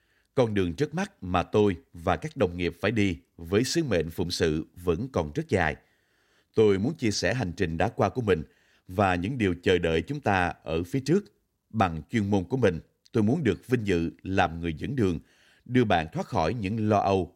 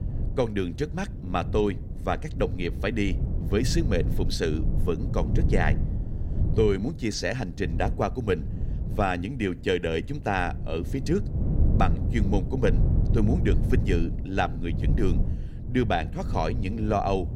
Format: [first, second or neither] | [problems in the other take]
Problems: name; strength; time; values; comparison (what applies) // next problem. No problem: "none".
first | wind noise on the microphone; occasional gusts; 10 dB below the speech